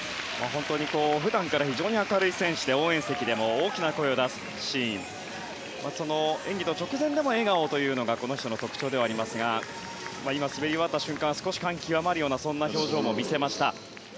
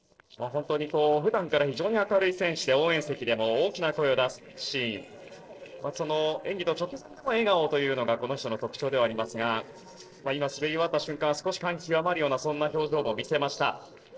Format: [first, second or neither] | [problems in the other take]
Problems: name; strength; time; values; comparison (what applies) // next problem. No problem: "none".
first | noise reduction (neural separator model SepFormer DNS4)